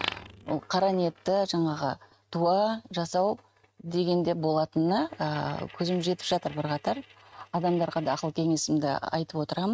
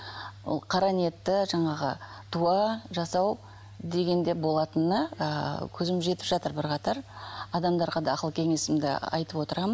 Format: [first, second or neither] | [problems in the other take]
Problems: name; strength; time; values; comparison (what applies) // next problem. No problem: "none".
second | noise reduction (neural mask model RNNoise)